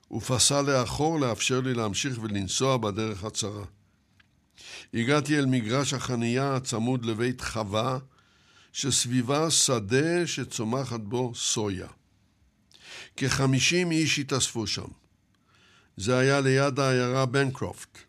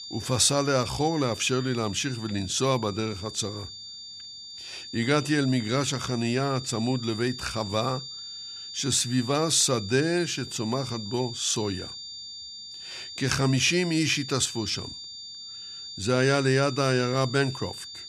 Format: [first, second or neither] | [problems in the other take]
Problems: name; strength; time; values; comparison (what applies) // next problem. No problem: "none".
first | high-pitched whine; noticeable; throughout; 4.5 kHz, 10 dB below the speech